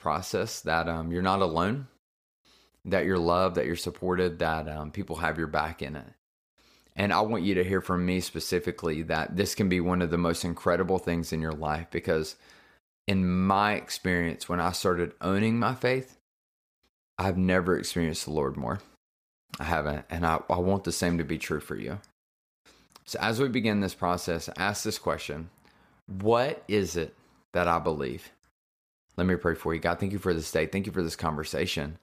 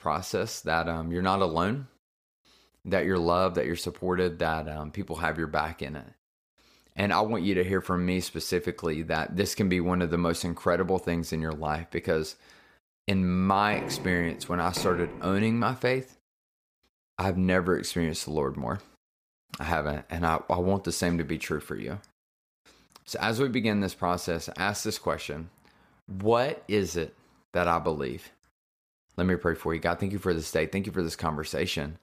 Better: first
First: none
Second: door banging; noticeable; from 14 to 15 s; peak 7 dB below the speech

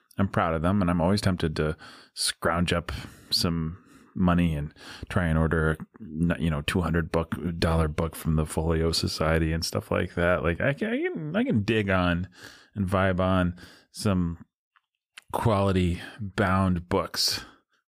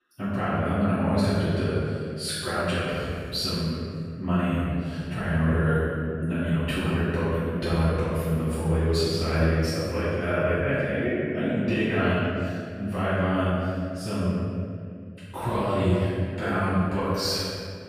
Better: first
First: none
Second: room echo; strong; dies away in 2.1 s // off-mic speech; far

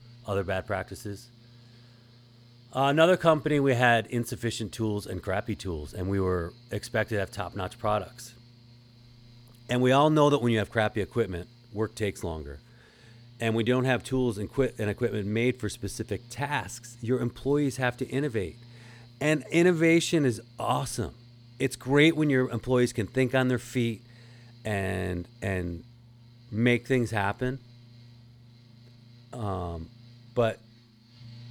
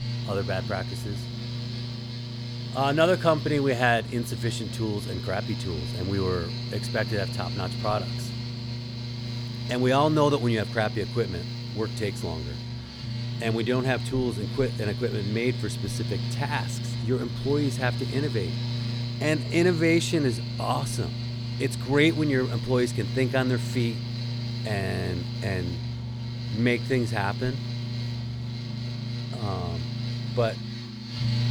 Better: first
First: machinery noise; faint; throughout; 25 dB below the speech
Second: machinery noise; loud; throughout; 4 dB below the speech

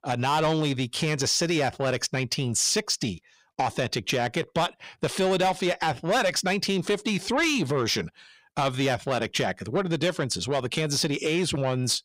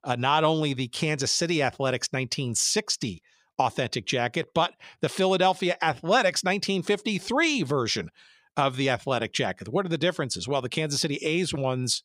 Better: second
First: distortion; slight; 10 dB below the speech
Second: none

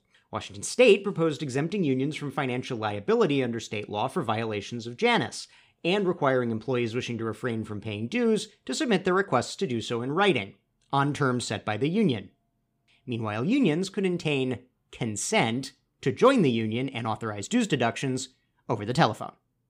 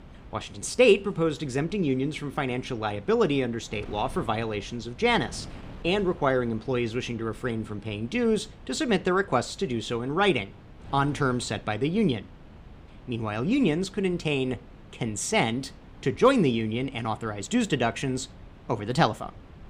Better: first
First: none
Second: wind noise on the microphone; occasional gusts; 25 dB below the speech

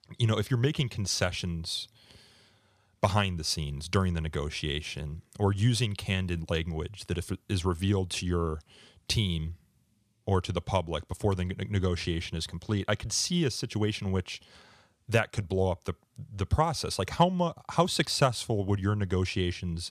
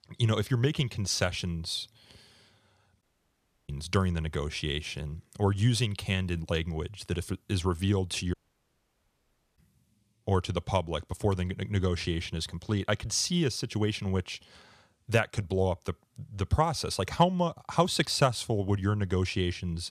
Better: first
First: none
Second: audio cutting out; at 3 s for 0.5 s and at 8.5 s for 1 s

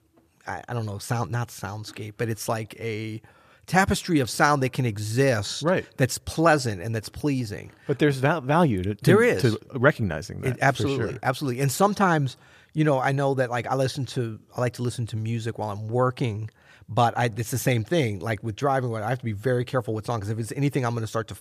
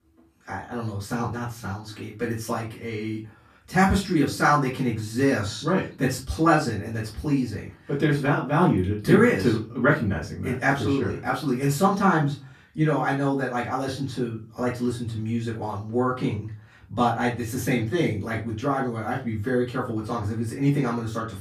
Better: first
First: none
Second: off-mic speech; far // room echo; slight; dies away in 0.2 s

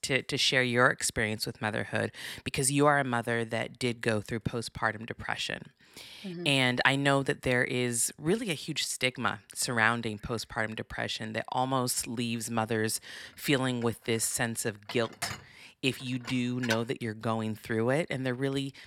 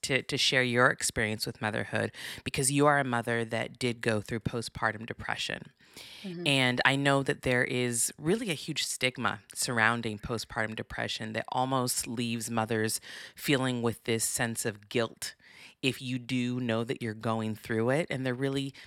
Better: second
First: clattering dishes; noticeable; from 14 to 17 s; peak 6 dB below the speech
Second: none

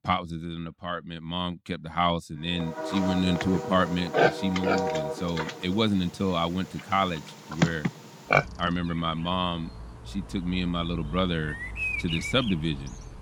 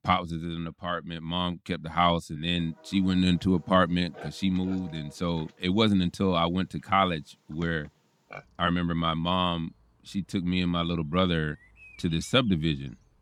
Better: second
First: animal sounds; loud; from 2.5 s on; 1 dB below the speech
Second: animal sounds; faint; from 2.5 s on; 25 dB below the speech

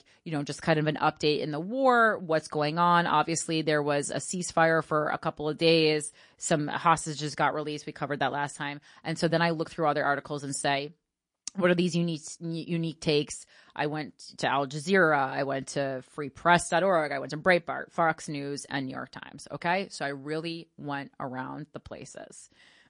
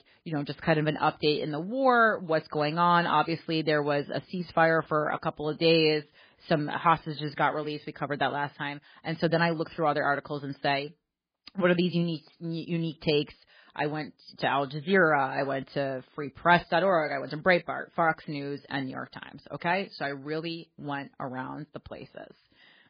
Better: first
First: garbled, watery; slightly; nothing above 9 kHz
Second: garbled, watery; badly; nothing above 4.5 kHz

